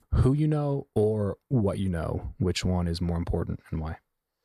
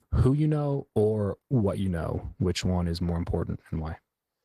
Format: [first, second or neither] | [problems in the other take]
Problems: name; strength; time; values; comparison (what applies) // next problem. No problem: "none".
first | garbled, watery; slightly; nothing above 14.5 kHz